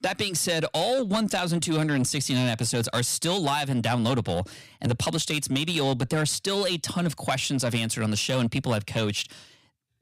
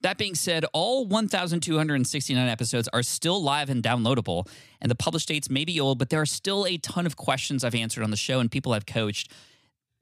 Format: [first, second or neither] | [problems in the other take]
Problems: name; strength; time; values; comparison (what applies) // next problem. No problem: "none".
second | distortion; slight; 10 dB below the speech